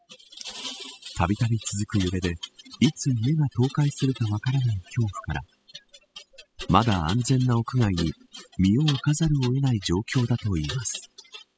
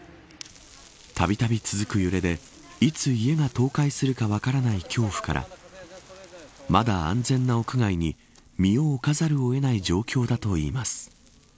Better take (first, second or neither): second